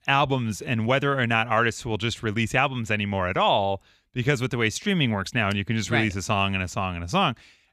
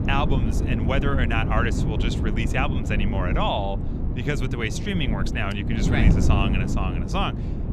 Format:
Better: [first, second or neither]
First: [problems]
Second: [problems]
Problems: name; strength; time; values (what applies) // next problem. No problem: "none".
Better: first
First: none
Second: wind noise on the microphone; heavy; 7 dB below the speech